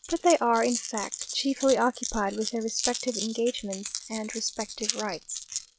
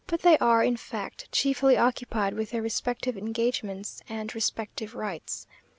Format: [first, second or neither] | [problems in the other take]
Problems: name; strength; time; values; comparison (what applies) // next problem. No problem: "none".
second | noise reduction (classical method log-MMSE)